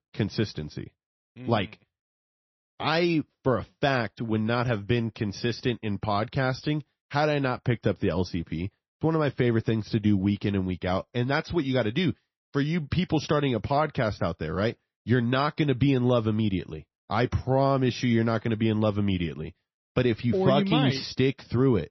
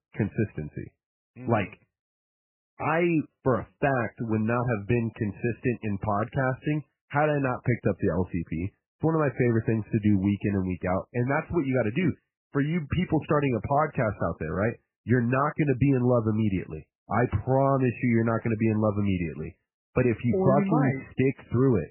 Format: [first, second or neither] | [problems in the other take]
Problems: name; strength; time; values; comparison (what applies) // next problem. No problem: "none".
first | garbled, watery; badly; nothing above 3 kHz; slightly in the first